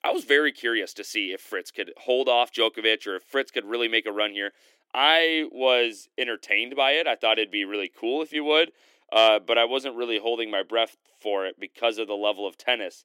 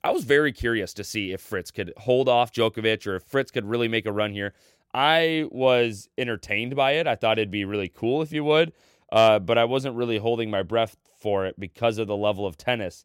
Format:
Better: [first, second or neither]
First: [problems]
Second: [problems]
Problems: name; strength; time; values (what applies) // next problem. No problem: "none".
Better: second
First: thin; somewhat; fading below 300 Hz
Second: none